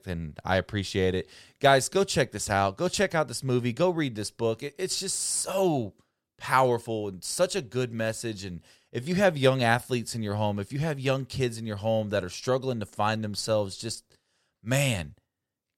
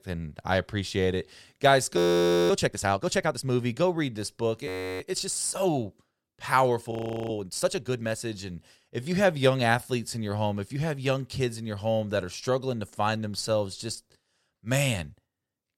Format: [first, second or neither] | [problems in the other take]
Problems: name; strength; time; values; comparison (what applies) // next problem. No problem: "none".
first | audio freezing; at 2 s for 0.5 s, at 4.5 s and at 7 s